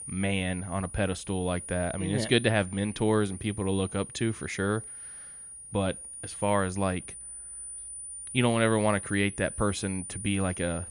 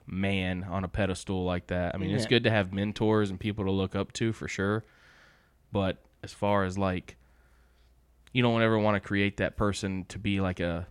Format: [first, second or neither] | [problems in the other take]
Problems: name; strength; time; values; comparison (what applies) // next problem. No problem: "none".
second | high-pitched whine; noticeable; throughout; 9.5 kHz, 10 dB below the speech